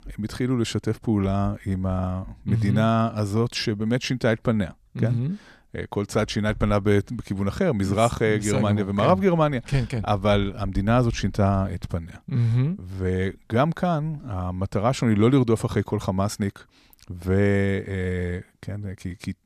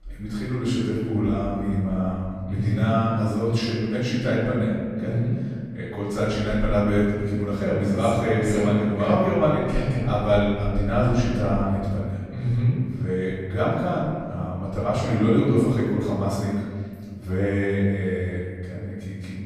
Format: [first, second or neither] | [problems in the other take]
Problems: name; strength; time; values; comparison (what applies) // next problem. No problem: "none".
first | off-mic speech; far // room echo; strong; dies away in 1.8 s